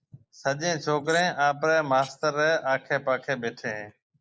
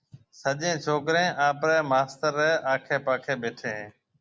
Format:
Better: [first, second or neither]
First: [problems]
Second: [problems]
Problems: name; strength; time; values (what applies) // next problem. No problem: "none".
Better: second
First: noise reduction (neural mask model Resemble Enhance denoiser)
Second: none